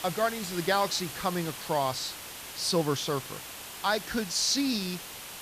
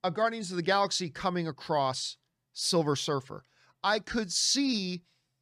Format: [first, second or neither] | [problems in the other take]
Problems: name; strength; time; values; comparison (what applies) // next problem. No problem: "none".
second | hiss; loud; throughout; 10 dB below the speech